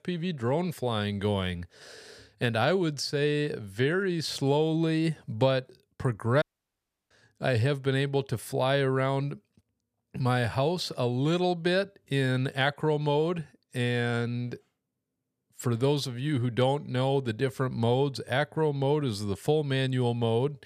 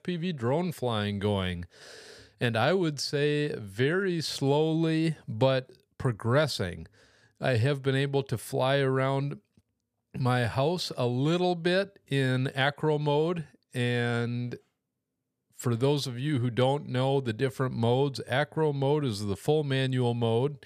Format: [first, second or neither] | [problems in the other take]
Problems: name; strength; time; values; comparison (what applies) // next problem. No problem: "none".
second | audio cutting out; at 6.5 s for 0.5 s